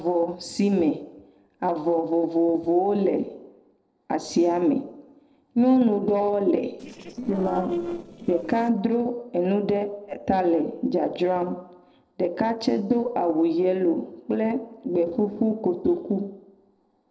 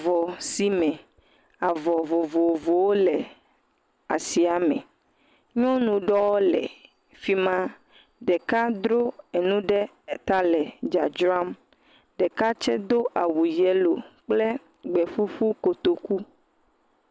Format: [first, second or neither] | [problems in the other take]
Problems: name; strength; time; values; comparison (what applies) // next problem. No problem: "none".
second | noise reduction (neural separator model SepFormer DNS4)